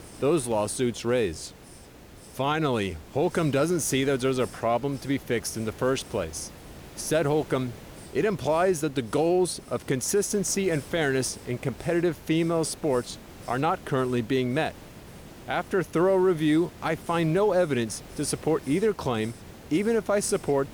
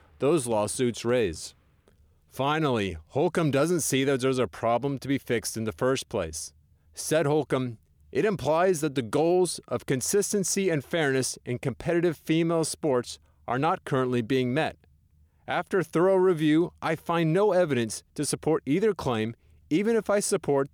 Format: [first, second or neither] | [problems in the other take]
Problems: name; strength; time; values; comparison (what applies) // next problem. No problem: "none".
second | hiss; noticeable; throughout; 20 dB below the speech